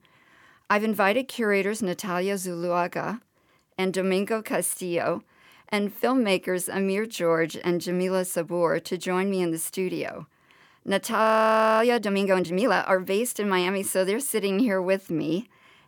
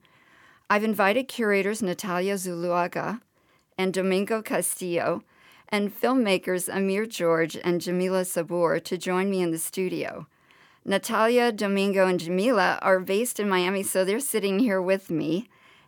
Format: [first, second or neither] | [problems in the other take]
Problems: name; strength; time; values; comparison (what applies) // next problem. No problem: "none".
second | audio freezing; at 11 s for 0.5 s